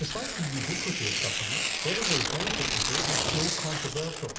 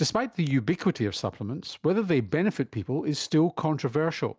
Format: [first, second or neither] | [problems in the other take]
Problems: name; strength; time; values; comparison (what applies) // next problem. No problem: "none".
second | background sound (Tearing); 4 dB above the speech // room echo; dies away in 2.1 s